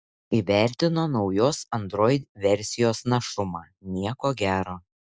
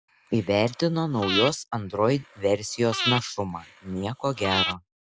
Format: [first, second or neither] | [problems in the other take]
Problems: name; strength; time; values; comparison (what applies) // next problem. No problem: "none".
first | background sound (Breathing); 6 dB below the speech